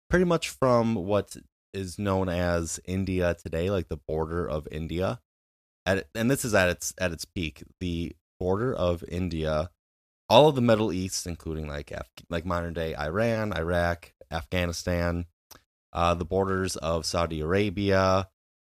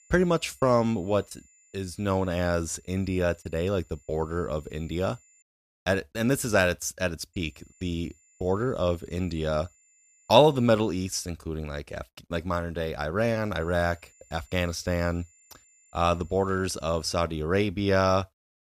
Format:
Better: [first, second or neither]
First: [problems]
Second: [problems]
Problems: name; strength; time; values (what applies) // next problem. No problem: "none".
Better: first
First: none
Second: high-pitched whine; faint; until 5.5 s, from 7.5 to 11 s and from 14 to 17 s; 7 kHz, 30 dB below the speech